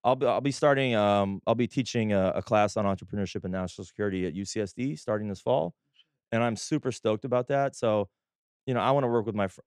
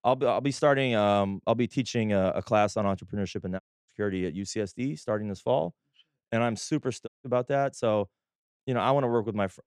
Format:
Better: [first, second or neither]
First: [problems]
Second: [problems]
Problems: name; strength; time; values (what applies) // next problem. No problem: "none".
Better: first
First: none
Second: audio cutting out; at 3.5 s and at 7 s